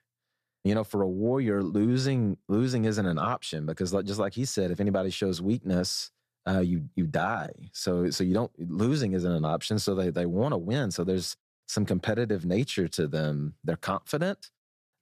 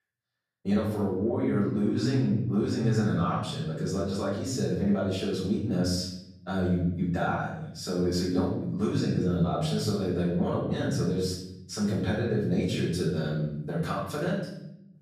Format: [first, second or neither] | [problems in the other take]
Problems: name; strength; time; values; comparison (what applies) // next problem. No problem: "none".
first | off-mic speech; far // room echo; noticeable; dies away in 0.8 s